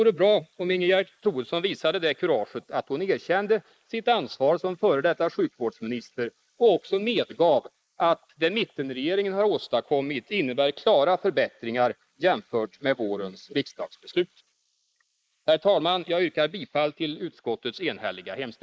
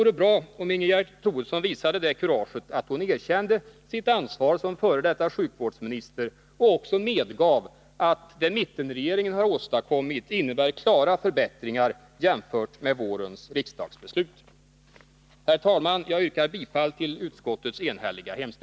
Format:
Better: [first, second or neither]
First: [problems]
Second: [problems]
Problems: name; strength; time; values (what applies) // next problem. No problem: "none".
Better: second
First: noise reduction (neural mask model Resemble Enhance denoiser)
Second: none